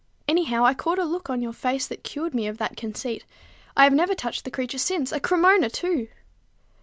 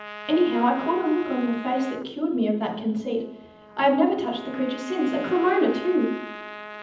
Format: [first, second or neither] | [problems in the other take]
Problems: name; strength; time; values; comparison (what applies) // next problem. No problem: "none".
first | background sound (Trumpet); 15 dB below the speech // room echo; dies away in 0.8 s